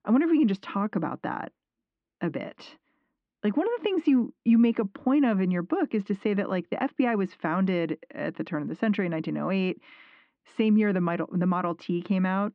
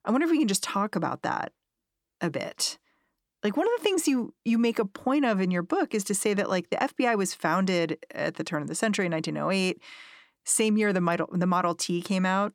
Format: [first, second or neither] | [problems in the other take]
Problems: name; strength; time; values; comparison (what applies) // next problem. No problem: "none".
second | muffled; very; fading above 3 kHz